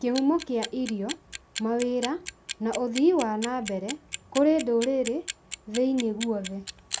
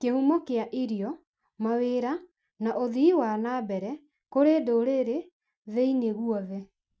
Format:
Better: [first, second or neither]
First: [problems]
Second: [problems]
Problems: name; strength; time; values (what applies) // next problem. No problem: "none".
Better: second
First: background sound (Clock); 12 dB below the speech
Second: none